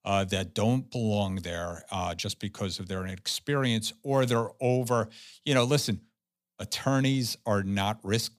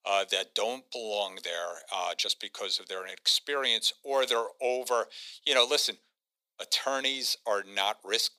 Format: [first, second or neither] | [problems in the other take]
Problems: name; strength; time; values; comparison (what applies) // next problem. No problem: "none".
first | thin; very; fading below 400 Hz